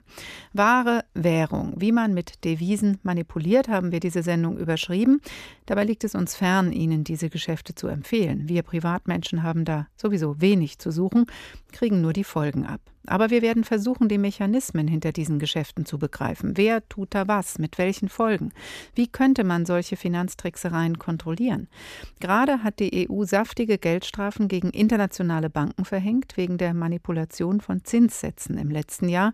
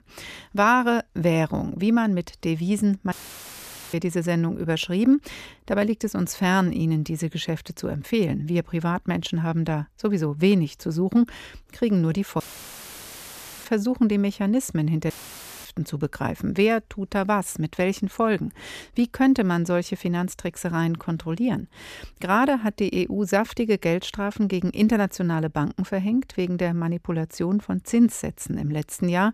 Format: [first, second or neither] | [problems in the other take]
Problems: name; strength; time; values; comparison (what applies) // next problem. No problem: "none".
first | audio cutting out; filled with static; at 3 s for 1 s, at 12 s for 1.5 s and at 15 s for 0.5 s